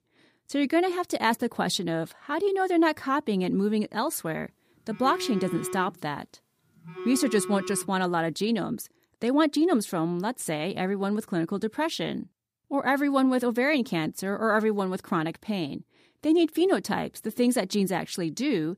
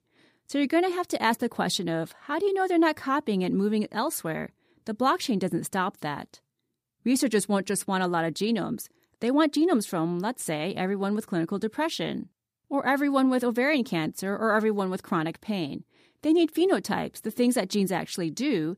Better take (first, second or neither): second